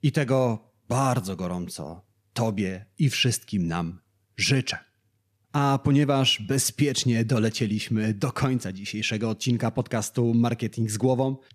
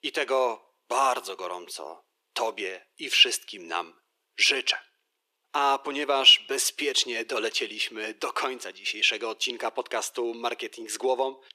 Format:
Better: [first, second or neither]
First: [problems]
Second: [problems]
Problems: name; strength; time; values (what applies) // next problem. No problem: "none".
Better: first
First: none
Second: thin; very; fading below 350 Hz